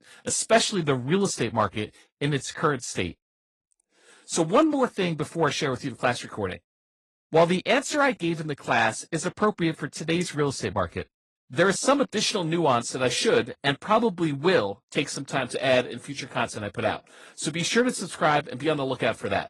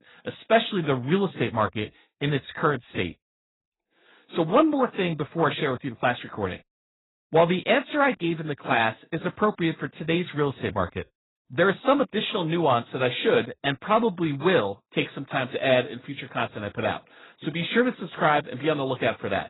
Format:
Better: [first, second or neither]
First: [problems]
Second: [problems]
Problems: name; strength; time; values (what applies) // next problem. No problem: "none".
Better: first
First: garbled, watery; slightly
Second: garbled, watery; badly; nothing above 4 kHz